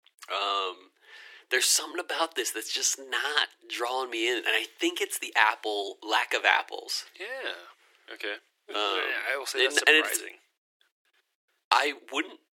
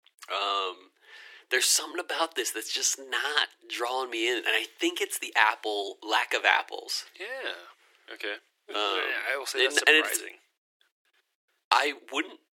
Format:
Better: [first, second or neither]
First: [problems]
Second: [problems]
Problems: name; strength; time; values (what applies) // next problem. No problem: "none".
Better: neither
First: thin; very; fading below 350 Hz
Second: thin; very; fading below 350 Hz